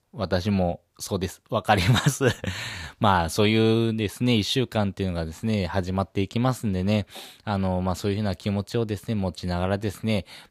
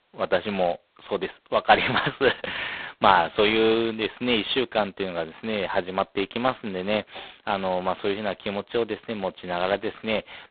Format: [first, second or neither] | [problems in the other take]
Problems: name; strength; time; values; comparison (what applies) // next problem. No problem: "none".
first | phone-call audio; poor line; nothing above 4 kHz